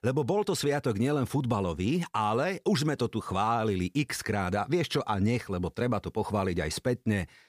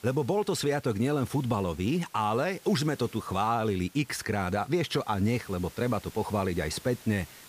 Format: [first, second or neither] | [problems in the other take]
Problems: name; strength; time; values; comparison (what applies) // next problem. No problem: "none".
first | hiss; faint; throughout; 20 dB below the speech